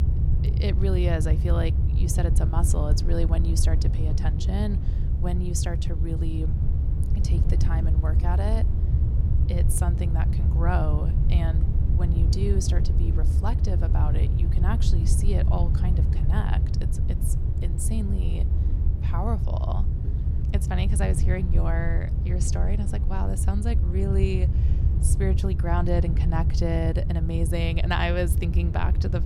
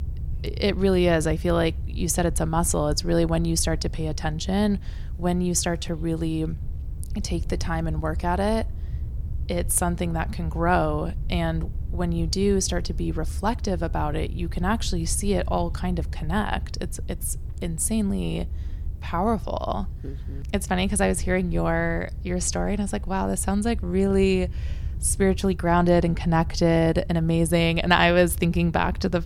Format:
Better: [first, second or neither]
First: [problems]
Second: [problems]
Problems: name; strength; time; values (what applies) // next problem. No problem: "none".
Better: second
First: low rumble; loud; throughout; 6 dB below the speech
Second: low rumble; faint; throughout; 25 dB below the speech